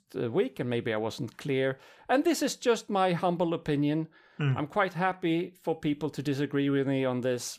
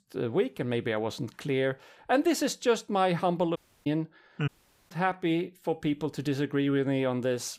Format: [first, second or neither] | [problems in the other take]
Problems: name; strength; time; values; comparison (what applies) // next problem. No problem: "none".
first | audio cutting out; at 3.5 s and at 4.5 s